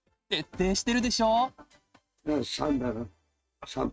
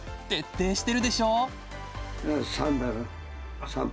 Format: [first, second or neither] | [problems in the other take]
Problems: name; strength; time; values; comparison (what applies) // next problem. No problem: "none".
second | noise reduction (neural mask model RNNoise)